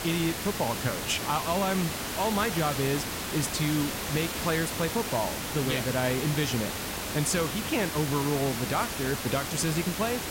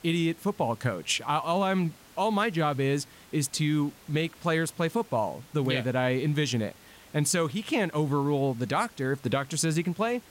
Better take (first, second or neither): second